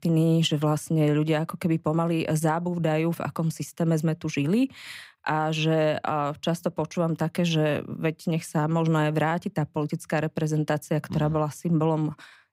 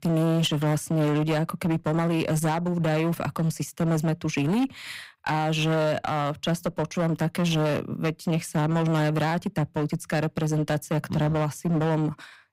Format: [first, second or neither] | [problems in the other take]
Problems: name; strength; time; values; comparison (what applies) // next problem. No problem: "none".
first | distortion; slight; 19% of the sound clipped